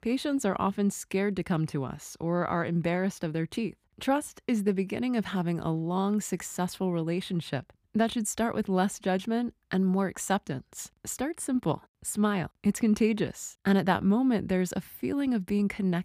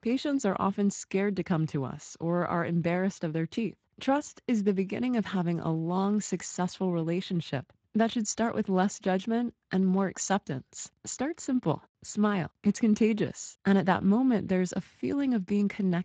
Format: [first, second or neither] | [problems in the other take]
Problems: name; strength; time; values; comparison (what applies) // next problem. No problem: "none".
first | garbled, watery; slightly; nothing above 7.5 kHz